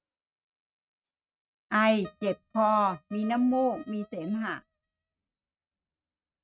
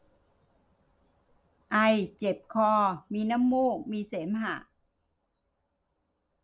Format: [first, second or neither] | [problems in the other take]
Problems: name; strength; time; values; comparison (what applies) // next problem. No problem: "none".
second | noise reduction (neural mask model RNNoise)